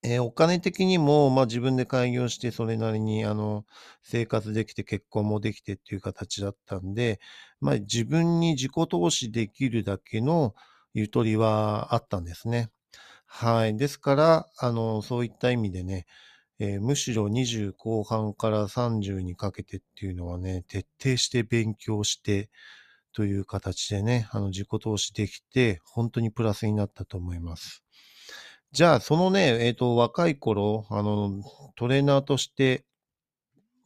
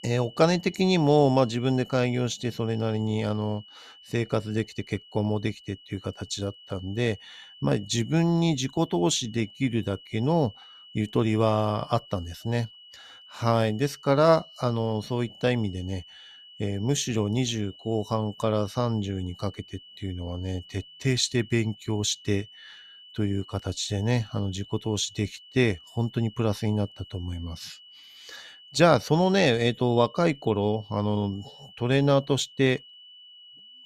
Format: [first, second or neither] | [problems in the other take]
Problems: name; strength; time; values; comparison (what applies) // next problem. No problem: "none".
first | high-pitched whine; faint; throughout; 3 kHz, 20 dB below the speech